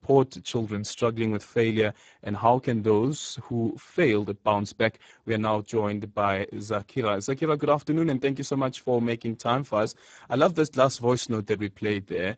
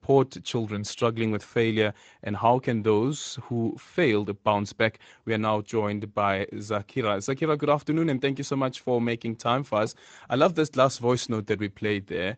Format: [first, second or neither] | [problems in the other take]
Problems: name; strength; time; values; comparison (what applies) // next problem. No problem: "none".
second | garbled, watery; badly; nothing above 7.5 kHz; slightly in the second